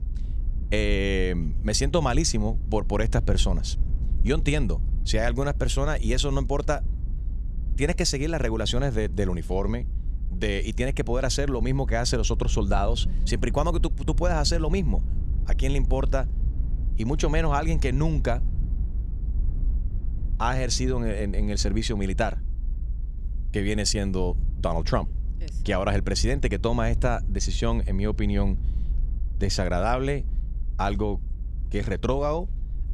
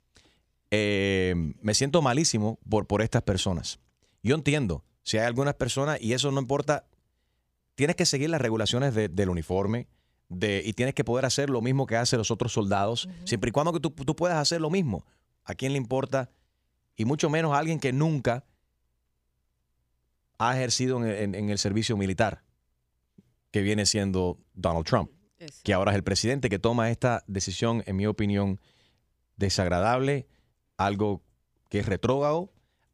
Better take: second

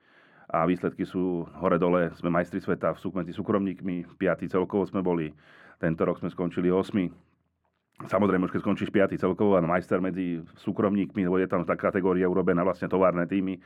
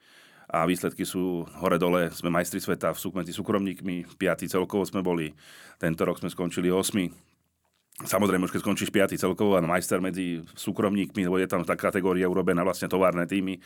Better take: second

